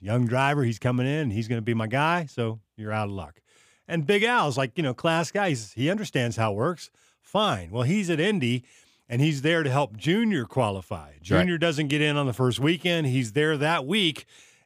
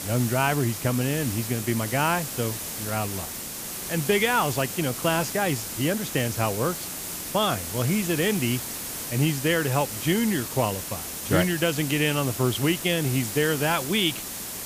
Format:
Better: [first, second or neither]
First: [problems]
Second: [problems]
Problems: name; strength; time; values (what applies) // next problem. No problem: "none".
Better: first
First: none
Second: hiss; loud; throughout; 6 dB below the speech